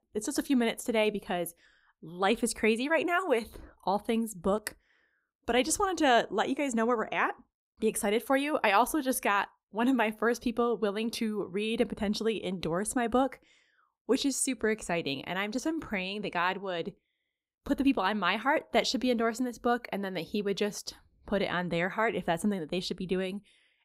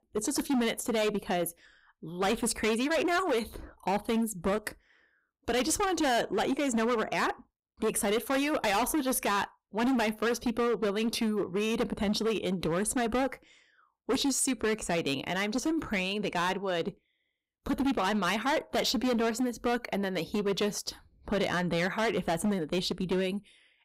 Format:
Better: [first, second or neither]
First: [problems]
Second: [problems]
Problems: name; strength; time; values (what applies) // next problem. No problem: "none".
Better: first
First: none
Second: distortion; heavy; 16% of the sound clipped